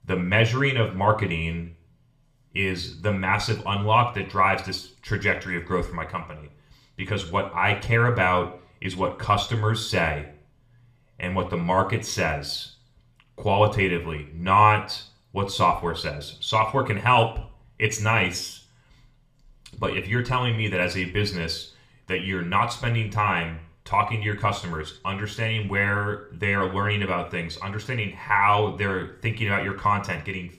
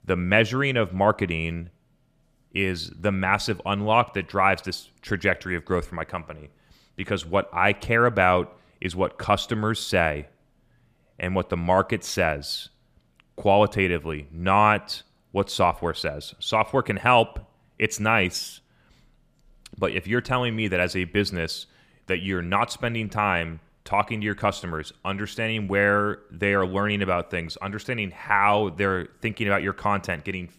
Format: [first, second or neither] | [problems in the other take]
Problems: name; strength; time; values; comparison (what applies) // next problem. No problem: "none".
second | room echo; very slight; dies away in 0.4 s